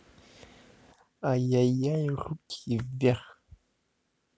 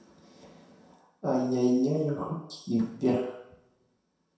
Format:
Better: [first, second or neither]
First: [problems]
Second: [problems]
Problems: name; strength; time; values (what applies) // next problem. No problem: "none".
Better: first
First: none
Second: room echo; dies away in 0.7 s